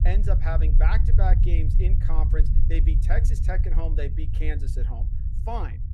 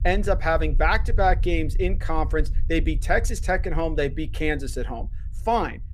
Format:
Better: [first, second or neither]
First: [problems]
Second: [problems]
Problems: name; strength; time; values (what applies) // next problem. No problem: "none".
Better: second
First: low rumble; loud; throughout; 7 dB below the speech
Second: low rumble; faint; throughout; 25 dB below the speech